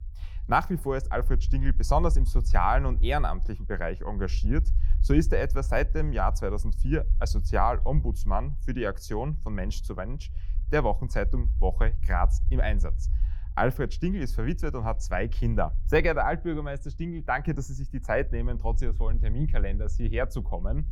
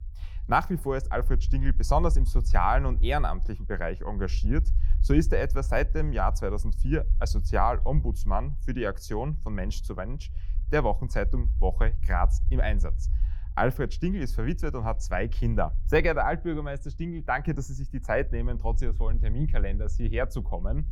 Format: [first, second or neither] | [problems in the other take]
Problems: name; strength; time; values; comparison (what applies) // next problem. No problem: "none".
neither | low rumble; faint; throughout; 25 dB below the speech; the same in both